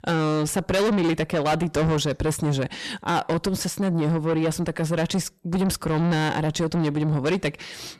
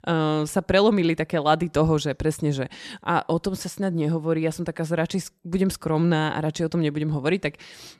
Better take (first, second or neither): second